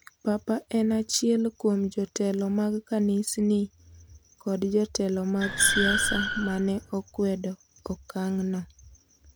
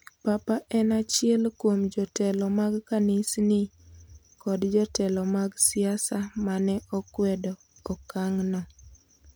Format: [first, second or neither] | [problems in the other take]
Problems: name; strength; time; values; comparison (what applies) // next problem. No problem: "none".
second | background sound (Car); 2 dB below the speech